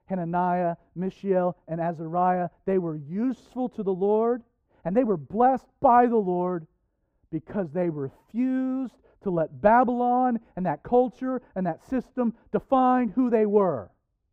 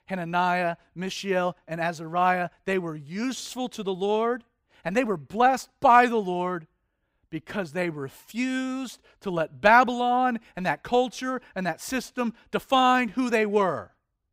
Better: second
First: muffled; very; fading above 1.5 kHz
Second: none

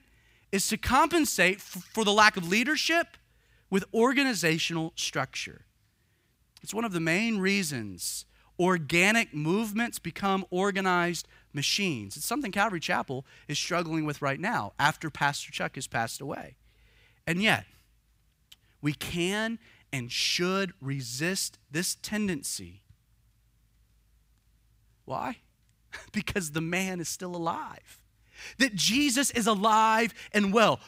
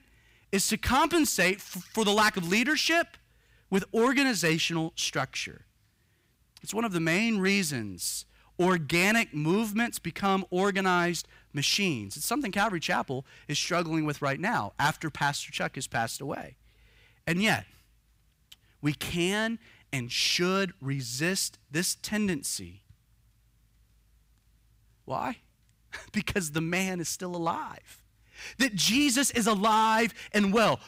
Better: first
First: none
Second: distortion; slight; 2% of the sound clipped

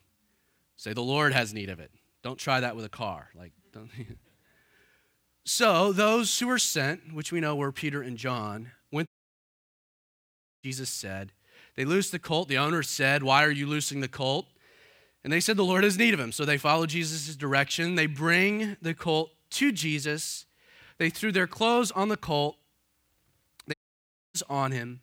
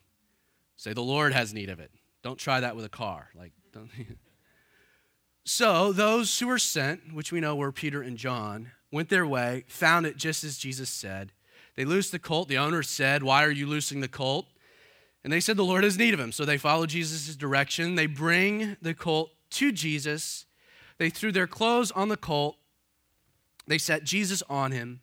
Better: second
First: audio cutting out; at 9 s for 1.5 s and at 24 s for 0.5 s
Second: none

